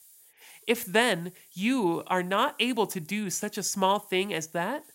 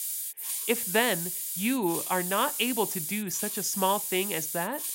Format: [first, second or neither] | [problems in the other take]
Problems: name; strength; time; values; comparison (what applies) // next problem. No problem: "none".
first | hiss; loud; throughout; 2 dB below the speech; faint in the first